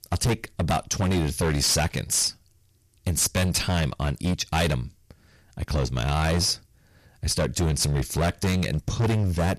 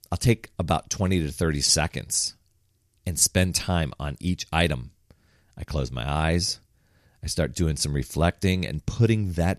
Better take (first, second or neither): second